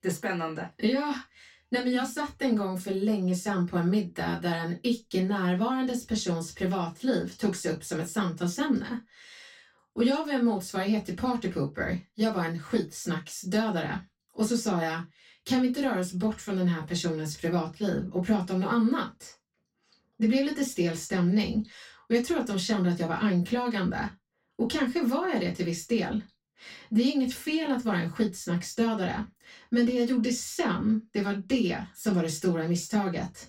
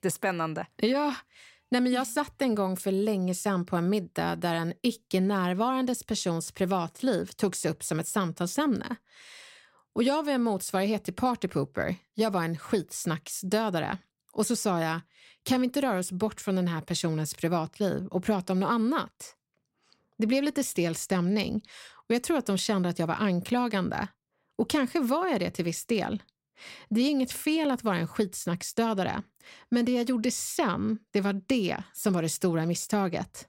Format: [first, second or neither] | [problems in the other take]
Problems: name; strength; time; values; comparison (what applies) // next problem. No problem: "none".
second | room echo; very slight; dies away in 0.2 s // off-mic speech; far